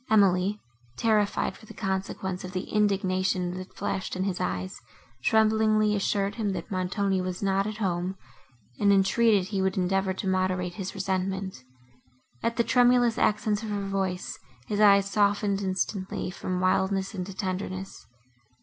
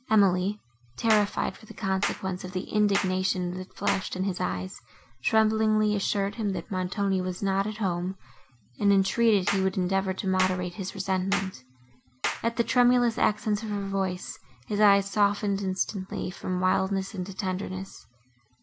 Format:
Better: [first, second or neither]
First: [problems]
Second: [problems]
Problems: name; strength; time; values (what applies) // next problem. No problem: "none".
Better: first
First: none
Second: background sound (Clapping); 10 dB below the speech